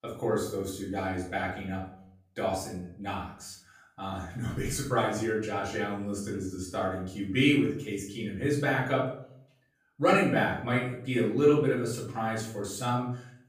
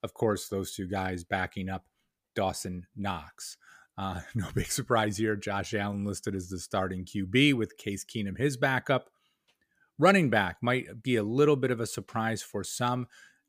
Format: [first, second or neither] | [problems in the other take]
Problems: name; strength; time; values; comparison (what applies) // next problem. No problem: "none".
second | off-mic speech; far // room echo; noticeable; dies away in 0.5 s